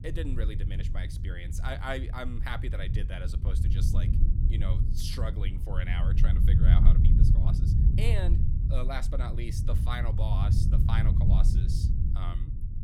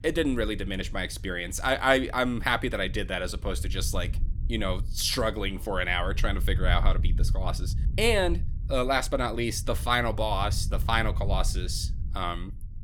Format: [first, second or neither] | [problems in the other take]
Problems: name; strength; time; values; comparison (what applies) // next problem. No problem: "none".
second | low rumble; loud; throughout; 3 dB below the speech; faint in the second